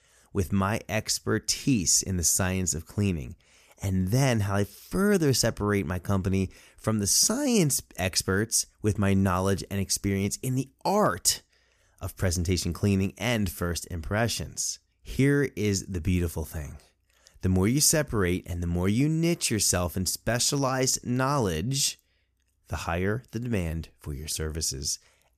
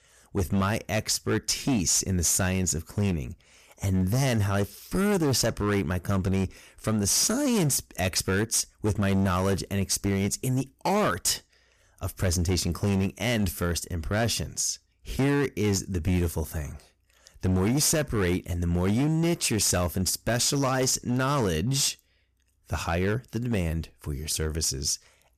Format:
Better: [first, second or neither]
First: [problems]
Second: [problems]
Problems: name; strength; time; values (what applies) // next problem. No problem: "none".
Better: first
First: none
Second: distortion; slight; 12% of the sound clipped